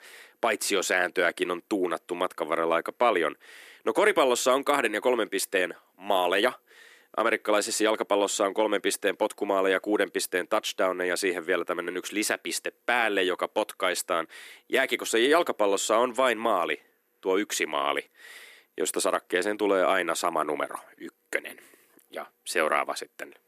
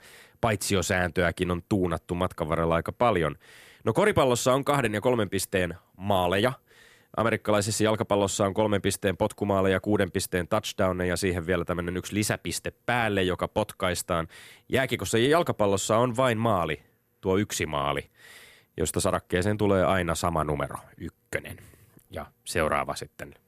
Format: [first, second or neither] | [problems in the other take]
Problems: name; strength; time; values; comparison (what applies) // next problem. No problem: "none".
second | thin; somewhat; fading below 300 Hz